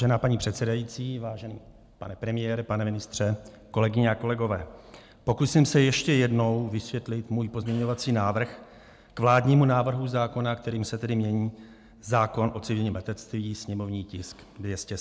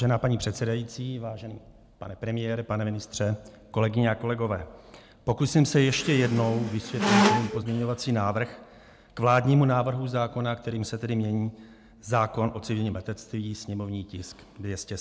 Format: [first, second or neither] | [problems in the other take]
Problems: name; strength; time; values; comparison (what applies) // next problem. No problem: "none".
first | background sound (Squeak); 1 dB above the speech